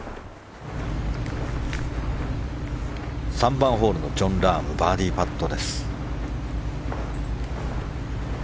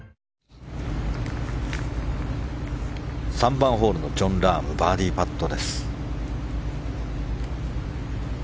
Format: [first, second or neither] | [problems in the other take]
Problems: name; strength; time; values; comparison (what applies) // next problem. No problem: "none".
second | background sound (Walk, footsteps); 13 dB below the speech